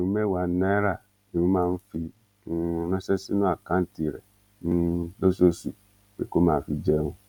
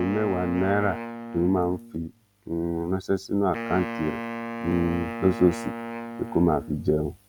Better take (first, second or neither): first